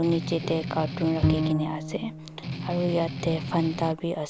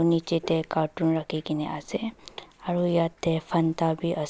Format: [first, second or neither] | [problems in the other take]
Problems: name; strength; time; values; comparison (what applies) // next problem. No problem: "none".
second | background sound (Bowed string instrument + Strum); 2 dB below the speech